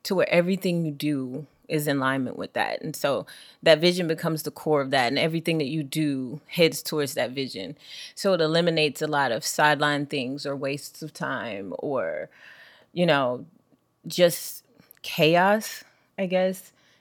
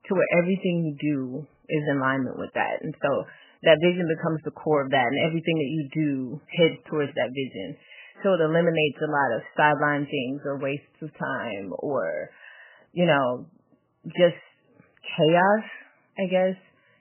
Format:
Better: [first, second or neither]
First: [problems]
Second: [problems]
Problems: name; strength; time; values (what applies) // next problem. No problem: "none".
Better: first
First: none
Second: garbled, watery; badly; nothing above 3 kHz